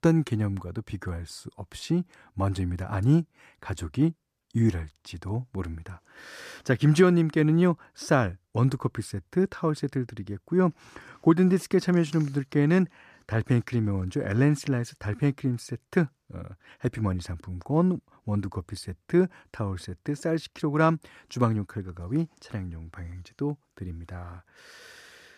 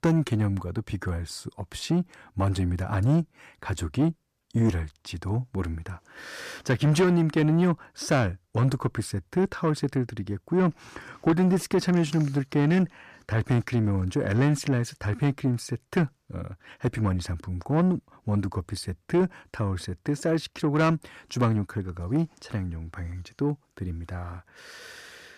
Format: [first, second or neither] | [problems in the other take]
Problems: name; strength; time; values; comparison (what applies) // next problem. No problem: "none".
first | distortion; slight; 10 dB below the speech